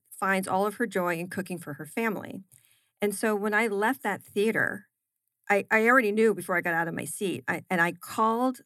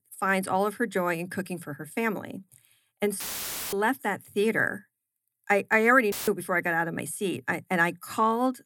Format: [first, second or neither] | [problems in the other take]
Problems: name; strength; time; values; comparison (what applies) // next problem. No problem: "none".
first | audio cutting out; filled with static; at 3 s for 0.5 s and at 6 s